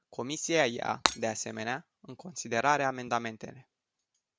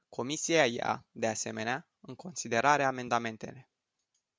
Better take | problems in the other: second | background sound (Shatter); 1 dB below the speech

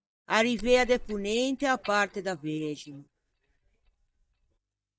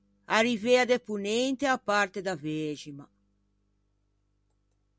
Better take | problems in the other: second | noise reduction (neural mask model DeepFilterNet 3)

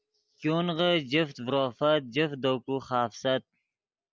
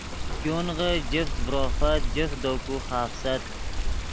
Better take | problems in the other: first | background sound (Water); 1 dB above the speech

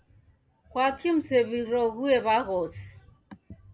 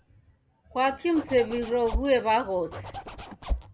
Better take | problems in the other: first | background sound (Zipper (clothing)); 7 dB below the speech

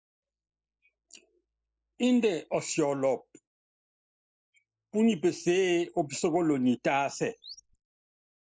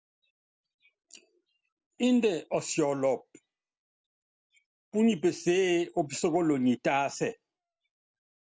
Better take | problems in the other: second | noise reduction (neural mask model Resemble Enhance denoiser)

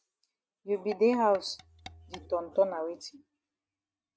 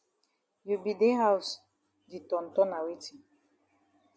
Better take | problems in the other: second | noise reduction (neural mask model RNNoise)

